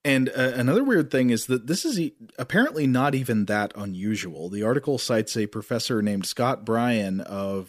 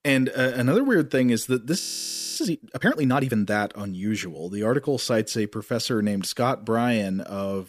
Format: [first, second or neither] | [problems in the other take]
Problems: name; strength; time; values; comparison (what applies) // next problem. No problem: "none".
first | audio freezing; at 2 s for 0.5 s